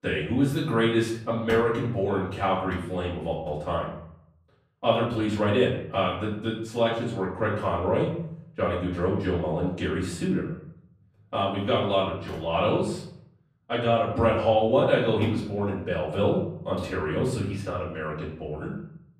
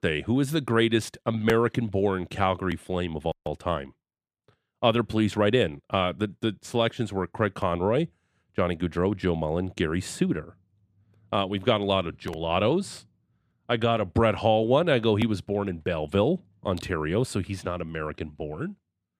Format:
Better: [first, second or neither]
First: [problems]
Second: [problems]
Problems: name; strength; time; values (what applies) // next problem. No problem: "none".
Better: second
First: off-mic speech; far // room echo; noticeable; dies away in 0.6 s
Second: none